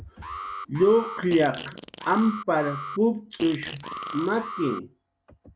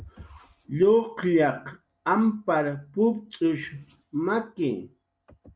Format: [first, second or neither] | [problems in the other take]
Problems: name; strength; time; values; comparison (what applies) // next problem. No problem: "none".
second | background sound (Fart + Alarm); 11 dB below the speech